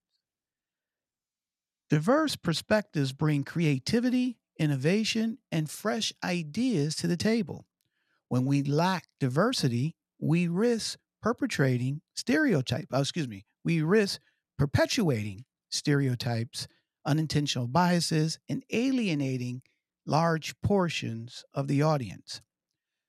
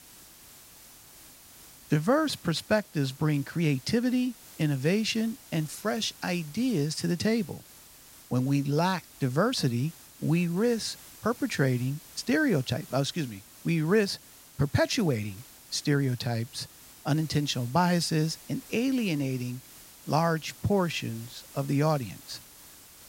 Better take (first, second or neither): first